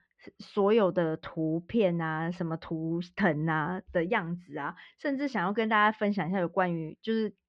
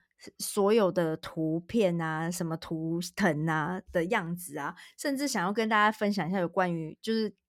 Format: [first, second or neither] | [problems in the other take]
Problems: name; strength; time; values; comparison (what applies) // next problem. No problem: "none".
second | muffled; slightly; fading above 3.5 kHz